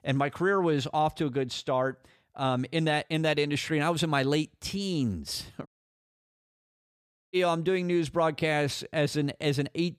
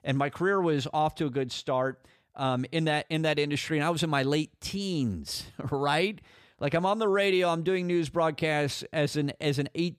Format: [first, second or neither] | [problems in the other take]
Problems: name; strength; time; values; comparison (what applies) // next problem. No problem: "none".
second | audio cutting out; at 5.5 s for 1.5 s